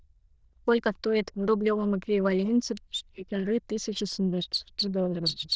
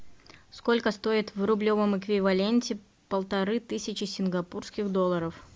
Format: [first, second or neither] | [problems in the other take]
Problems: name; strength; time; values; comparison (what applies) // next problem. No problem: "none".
second | noise reduction (neural diffusion model UNIVERSE++)